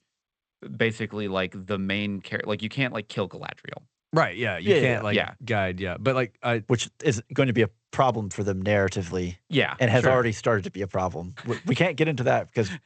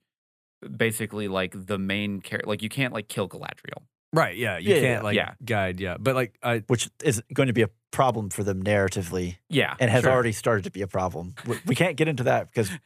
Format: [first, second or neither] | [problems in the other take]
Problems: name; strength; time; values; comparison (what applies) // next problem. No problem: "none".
second | garbled, watery; slightly; nothing above 8 kHz